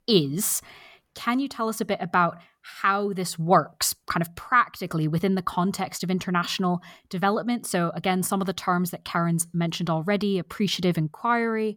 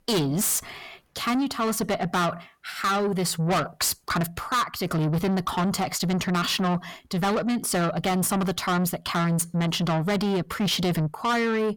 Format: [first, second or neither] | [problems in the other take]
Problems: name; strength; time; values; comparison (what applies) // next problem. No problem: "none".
first | distortion; heavy; 6 dB below the speech